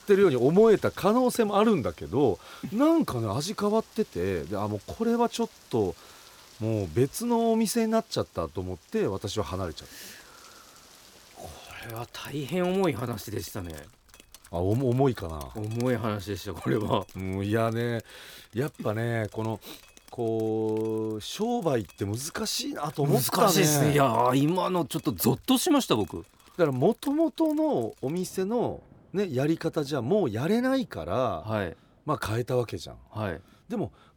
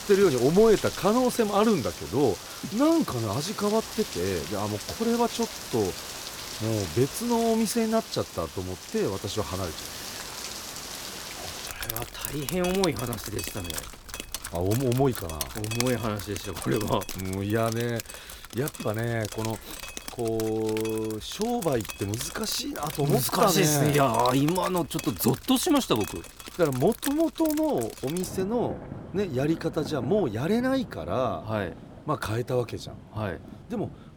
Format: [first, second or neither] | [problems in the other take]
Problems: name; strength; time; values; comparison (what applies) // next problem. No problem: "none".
first | rain or running water; loud; throughout; 10 dB below the speech; faint in the first